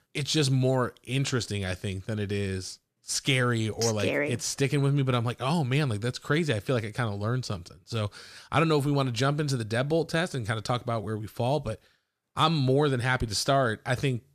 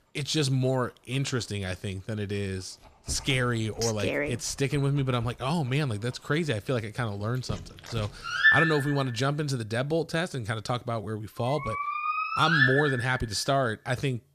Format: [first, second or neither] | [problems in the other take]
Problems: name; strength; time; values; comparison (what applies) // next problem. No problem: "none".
first | animal sounds; very loud; throughout; 2 dB above the speech